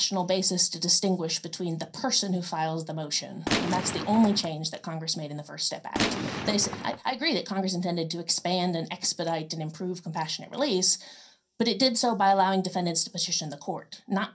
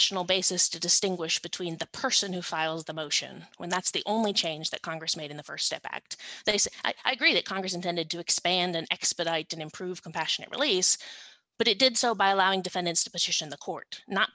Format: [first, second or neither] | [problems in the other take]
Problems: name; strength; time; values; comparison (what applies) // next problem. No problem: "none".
second | background sound (Gunshot, gunfire); 4 dB below the speech // room echo; dies away in 0.3 s